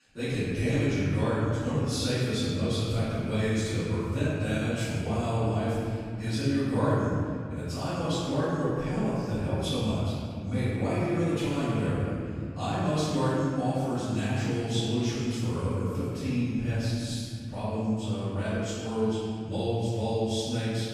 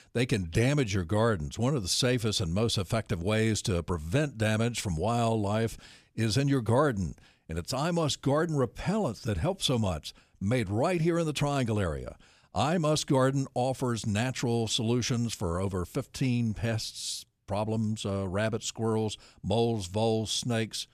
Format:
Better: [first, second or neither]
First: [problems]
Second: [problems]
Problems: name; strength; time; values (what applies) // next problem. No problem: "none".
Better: second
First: off-mic speech; far // room echo; strong; dies away in 2.7 s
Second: none